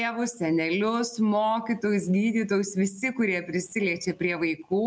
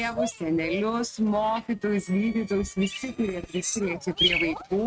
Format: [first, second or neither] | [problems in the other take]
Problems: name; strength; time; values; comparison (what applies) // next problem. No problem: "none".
first | noise reduction (neural mask model RNNoise)